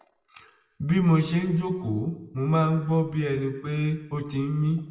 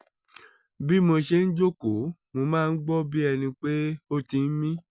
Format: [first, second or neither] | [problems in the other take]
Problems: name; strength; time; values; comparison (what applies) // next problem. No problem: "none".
second | room echo; dies away in 0.9 s